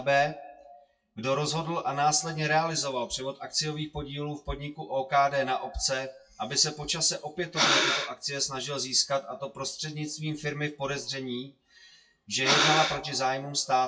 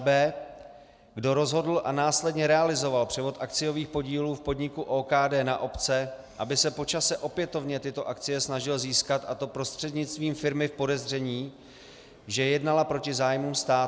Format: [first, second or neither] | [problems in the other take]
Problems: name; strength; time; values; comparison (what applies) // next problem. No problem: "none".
second | noise reduction (classical method WPE with log-MMSE)